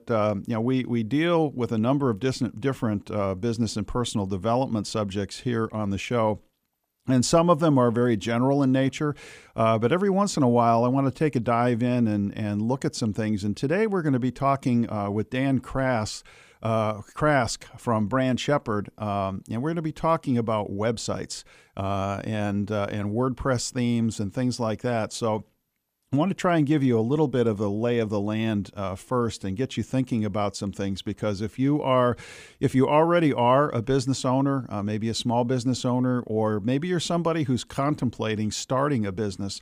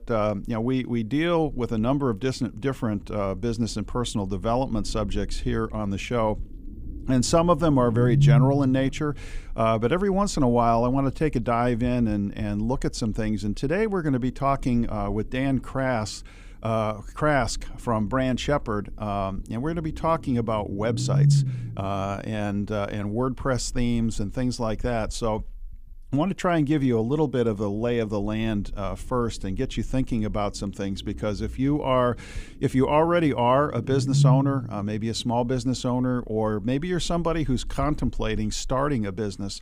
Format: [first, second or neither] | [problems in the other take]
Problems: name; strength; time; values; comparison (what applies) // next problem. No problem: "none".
first | low rumble; noticeable; throughout; 10 dB below the speech